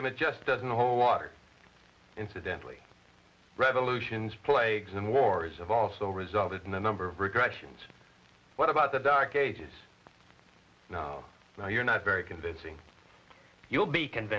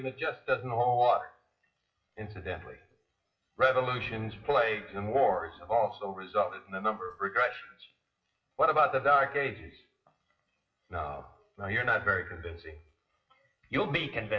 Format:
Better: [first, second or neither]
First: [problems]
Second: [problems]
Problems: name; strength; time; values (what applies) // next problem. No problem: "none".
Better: first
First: none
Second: noise reduction (classical method WPE with log-MMSE)